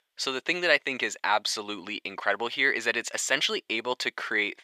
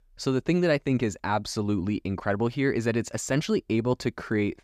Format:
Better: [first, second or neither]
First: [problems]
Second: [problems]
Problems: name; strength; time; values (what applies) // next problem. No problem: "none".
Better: second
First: thin; very; fading below 700 Hz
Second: none